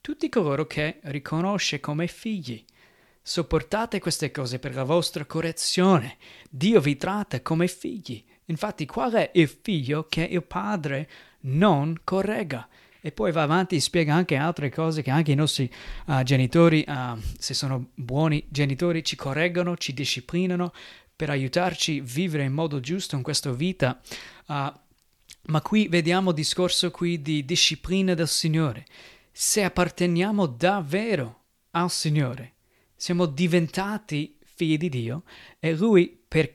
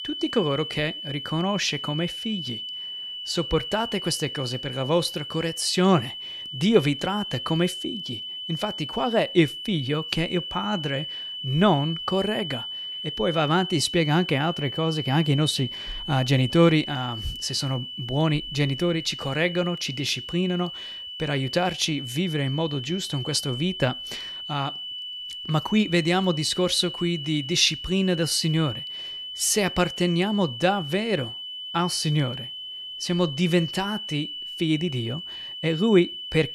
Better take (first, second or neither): first